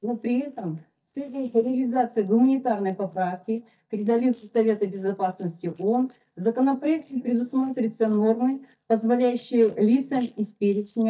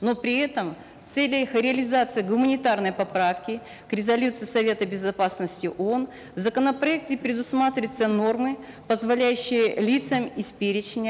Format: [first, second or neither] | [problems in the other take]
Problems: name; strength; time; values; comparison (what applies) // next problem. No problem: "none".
second | noise reduction (neural mask model DeepFilterNet 3)